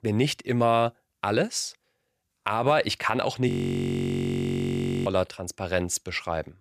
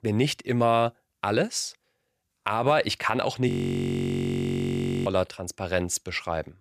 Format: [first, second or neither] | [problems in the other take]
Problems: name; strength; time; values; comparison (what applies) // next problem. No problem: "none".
neither | audio freezing; at 3.5 s for 1.5 s; the same in both